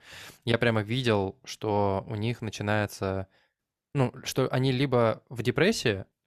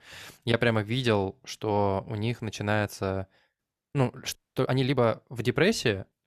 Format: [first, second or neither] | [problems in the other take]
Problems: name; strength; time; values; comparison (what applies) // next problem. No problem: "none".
first | audio freezing; at 4.5 s